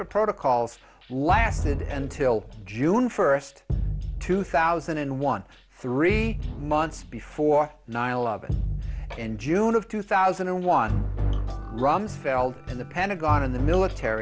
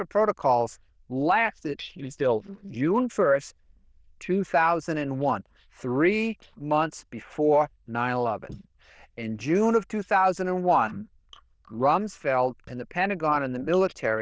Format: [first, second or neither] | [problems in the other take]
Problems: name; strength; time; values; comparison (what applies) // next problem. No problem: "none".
first | noise reduction (neural diffusion model UNIVERSE++)